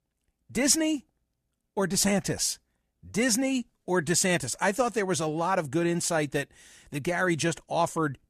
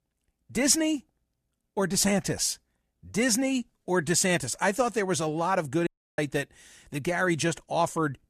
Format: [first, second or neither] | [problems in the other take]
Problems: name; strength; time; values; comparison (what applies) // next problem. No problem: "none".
first | audio cutting out; at 6 s